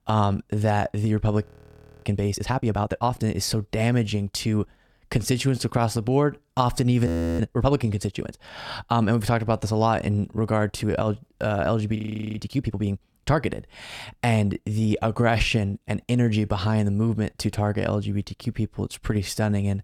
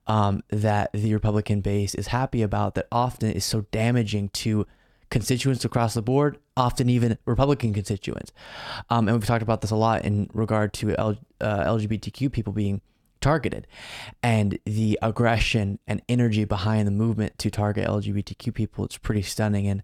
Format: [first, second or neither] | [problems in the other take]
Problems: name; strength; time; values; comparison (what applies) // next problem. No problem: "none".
second | audio freezing; at 1.5 s for 0.5 s, at 7 s and at 12 s